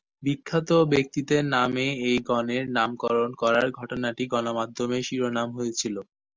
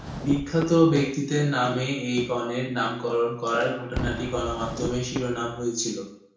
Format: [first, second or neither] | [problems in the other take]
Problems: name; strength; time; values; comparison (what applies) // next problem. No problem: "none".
first | background sound (Whoosh, swoosh, swish / Fireworks); 12 dB below the speech // room echo; dies away in 0.6 s